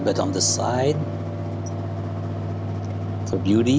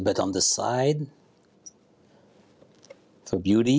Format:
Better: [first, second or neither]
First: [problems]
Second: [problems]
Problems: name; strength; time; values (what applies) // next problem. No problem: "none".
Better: second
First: background sound (Mechanical fan); 2 dB below the speech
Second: none